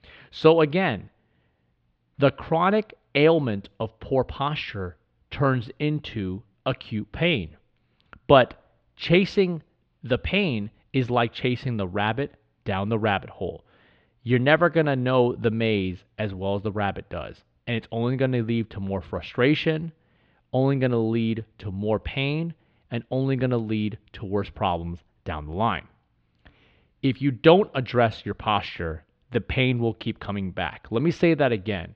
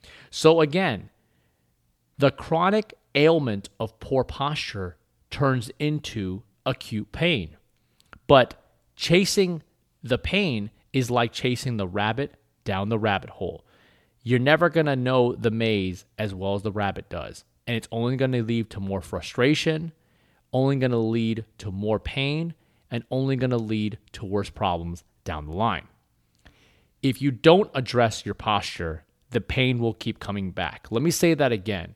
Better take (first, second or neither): second